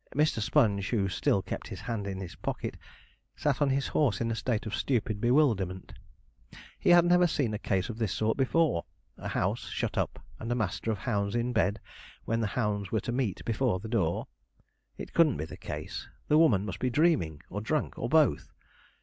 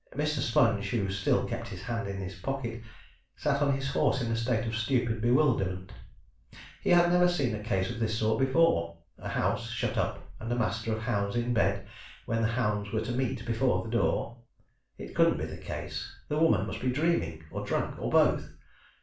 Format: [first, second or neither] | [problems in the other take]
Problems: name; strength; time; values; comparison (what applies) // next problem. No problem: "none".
first | room echo; dies away in 0.3 s